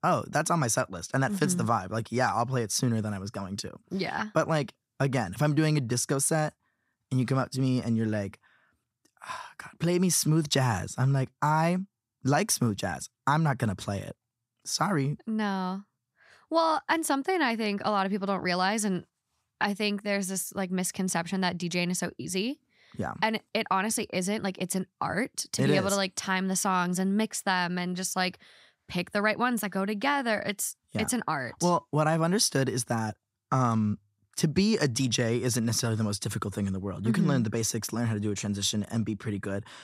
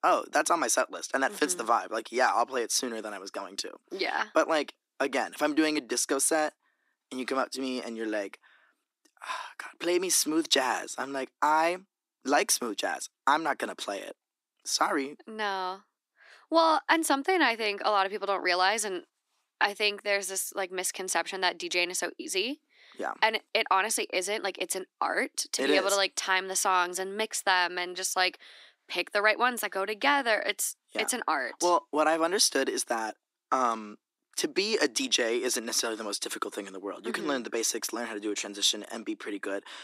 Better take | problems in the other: first | thin; somewhat; fading below 300 Hz

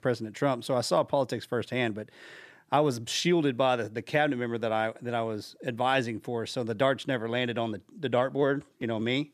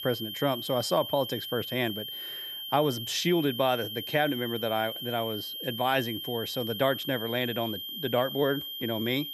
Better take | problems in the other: first | high-pitched whine; loud; throughout; 3 kHz, 6 dB below the speech

